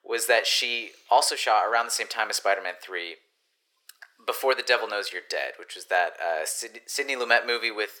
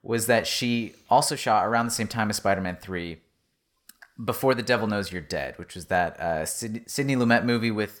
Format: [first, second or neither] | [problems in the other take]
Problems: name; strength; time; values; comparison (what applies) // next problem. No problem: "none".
second | thin; very; fading below 350 Hz